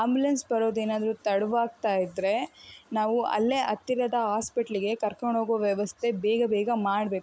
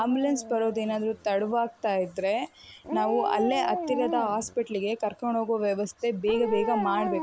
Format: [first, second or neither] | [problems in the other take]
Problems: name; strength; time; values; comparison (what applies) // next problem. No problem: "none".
first | background sound (Dog); 7 dB below the speech